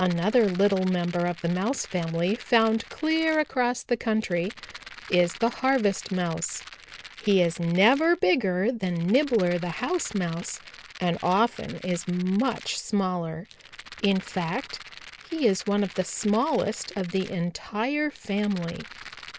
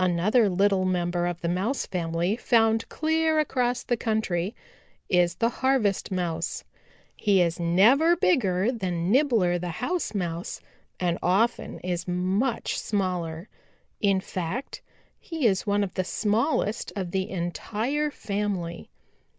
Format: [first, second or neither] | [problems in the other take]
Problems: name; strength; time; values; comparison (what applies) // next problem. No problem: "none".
second | background sound (Rattle); 19 dB below the speech